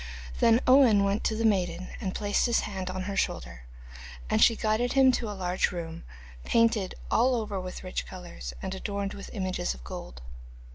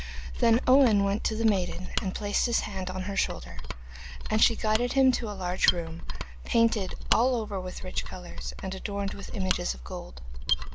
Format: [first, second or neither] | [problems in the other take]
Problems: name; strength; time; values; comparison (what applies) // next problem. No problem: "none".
first | background sound (Mechanisms); 3 dB below the speech